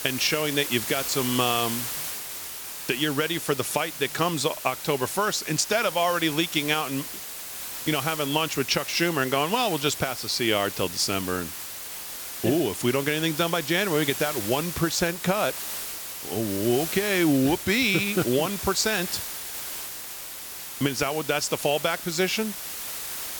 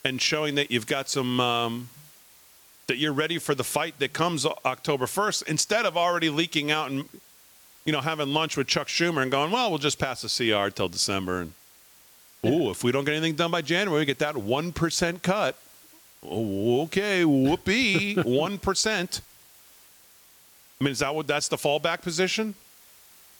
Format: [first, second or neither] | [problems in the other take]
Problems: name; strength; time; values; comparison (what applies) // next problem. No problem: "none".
second | hiss; loud; throughout; 7 dB below the speech; faint in the second